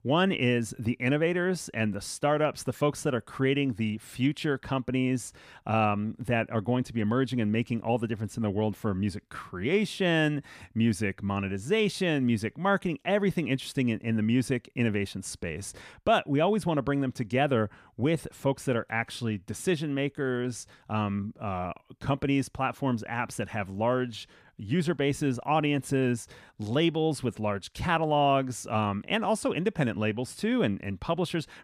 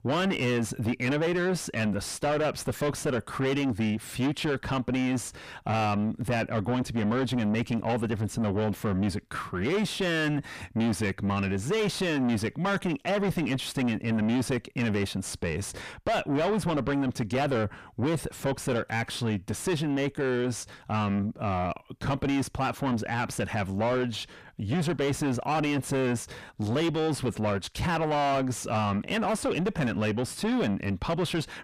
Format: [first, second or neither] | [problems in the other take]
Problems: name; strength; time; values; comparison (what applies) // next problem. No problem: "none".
first | distortion; heavy; 6 dB below the speech